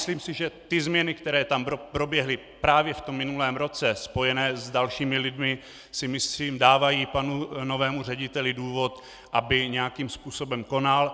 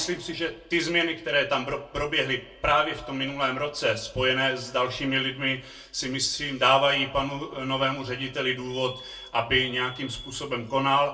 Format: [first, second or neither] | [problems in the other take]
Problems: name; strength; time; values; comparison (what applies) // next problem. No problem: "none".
first | background sound (Alarm); 18 dB below the speech // room echo; dies away in 0.2 s